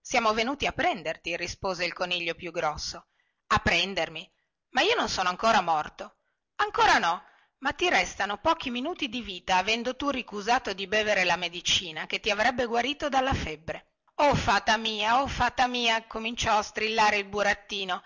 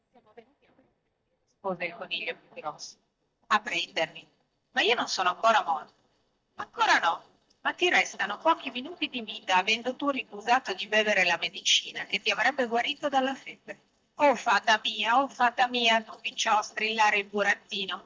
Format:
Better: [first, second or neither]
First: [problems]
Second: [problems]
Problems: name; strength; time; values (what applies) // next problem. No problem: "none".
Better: first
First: none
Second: noise reduction (neural mask model DeepFilterNet 3)